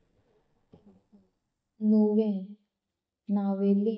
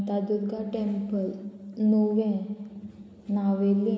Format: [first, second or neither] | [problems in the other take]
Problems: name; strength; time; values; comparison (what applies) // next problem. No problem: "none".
second | noise reduction (neural mask model DeepFilterNet 3)